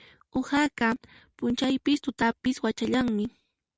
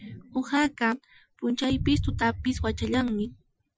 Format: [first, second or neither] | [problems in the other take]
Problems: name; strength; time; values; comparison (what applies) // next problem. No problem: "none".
first | noise reduction (classical method Wiener filter)